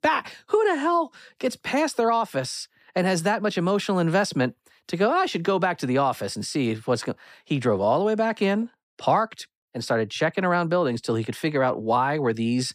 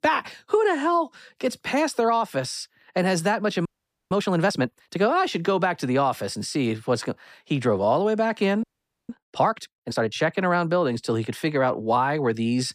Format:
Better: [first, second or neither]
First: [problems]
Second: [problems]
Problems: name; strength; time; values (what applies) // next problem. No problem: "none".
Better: first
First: none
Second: audio freezing; at 3.5 s and at 8.5 s